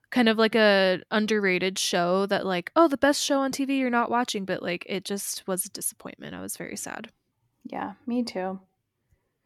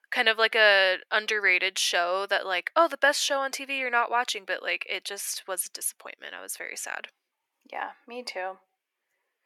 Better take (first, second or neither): first